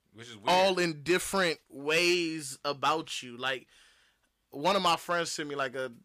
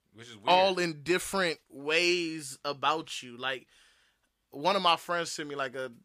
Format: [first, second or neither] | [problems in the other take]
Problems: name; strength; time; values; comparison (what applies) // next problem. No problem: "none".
second | distortion; slight; 2% of the sound clipped